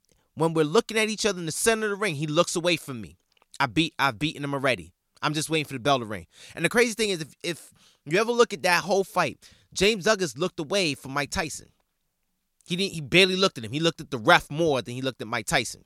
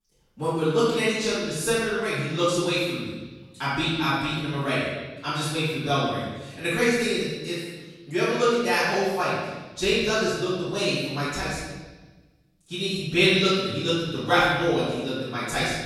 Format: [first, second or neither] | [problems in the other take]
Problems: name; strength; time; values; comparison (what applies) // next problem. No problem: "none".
first | off-mic speech; far // room echo; strong; dies away in 1.2 s